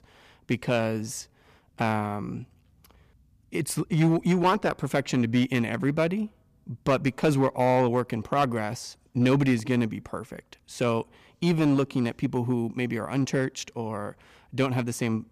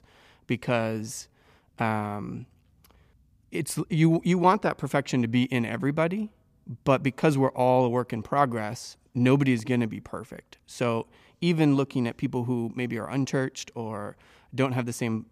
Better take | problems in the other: second | distortion; slight; 3% of the sound clipped

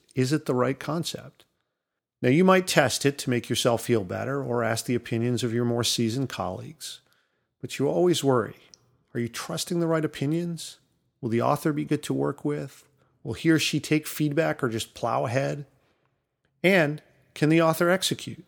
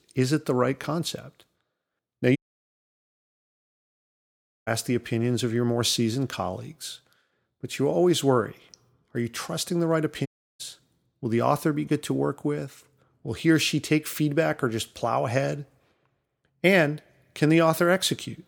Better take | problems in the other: first | audio cutting out; at 2.5 s for 2.5 s and at 10 s

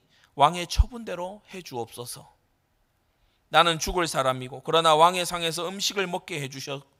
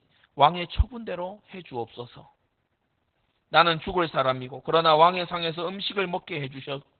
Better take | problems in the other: first | garbled, watery; badly; nothing above 4 kHz

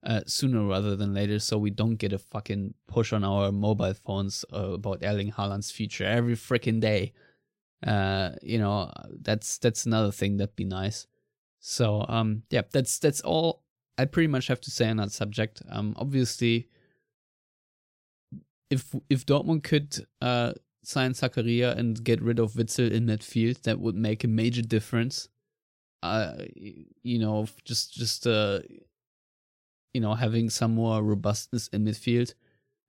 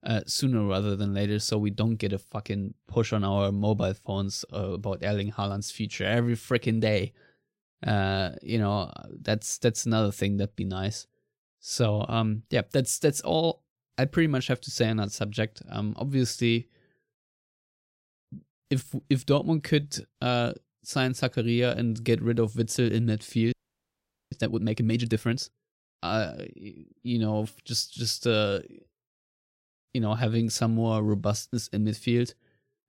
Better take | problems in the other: first | audio freezing; at 24 s for 1 s

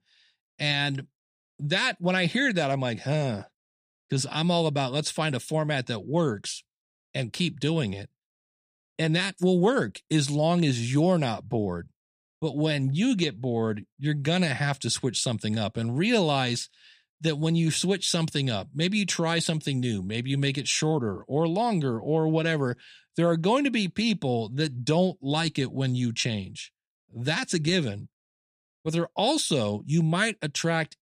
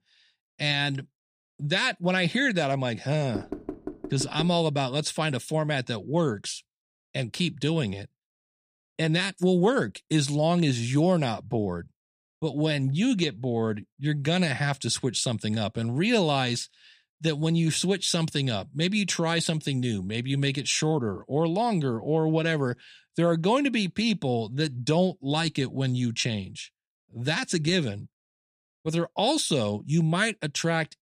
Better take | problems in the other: first | door banging; faint; from 3.5 to 4.5 s; peak 10 dB below the speech

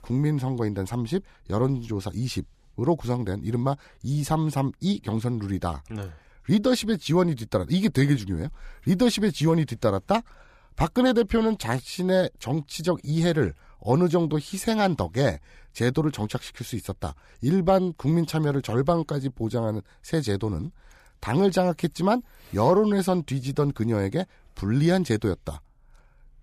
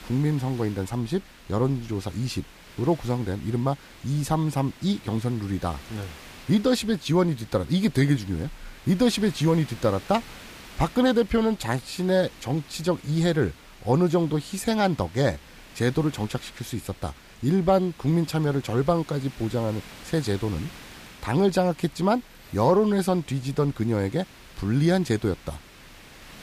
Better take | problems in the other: first | hiss; faint; throughout; 20 dB below the speech

